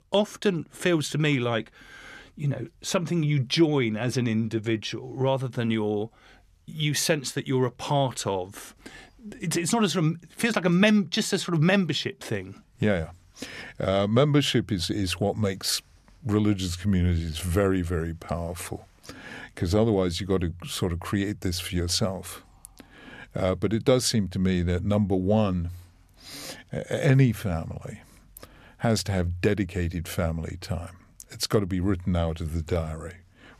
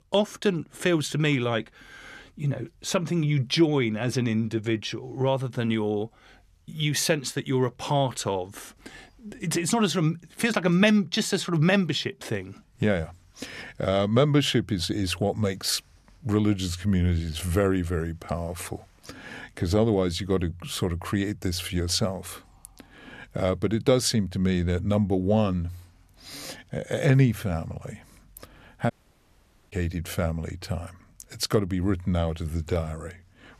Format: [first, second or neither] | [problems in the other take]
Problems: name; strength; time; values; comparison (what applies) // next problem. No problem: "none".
first | audio cutting out; at 29 s for 1 s